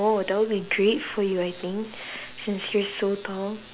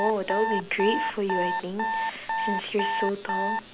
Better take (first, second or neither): first